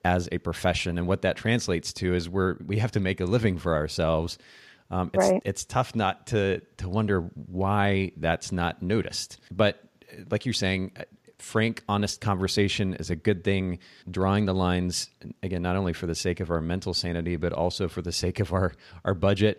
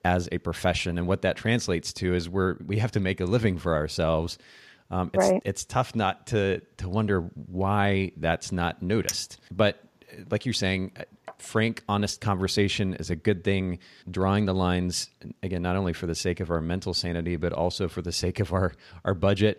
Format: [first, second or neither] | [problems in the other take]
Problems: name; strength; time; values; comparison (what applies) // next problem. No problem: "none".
first | clattering dishes; noticeable; from 9 to 11 s; peak 6 dB below the speech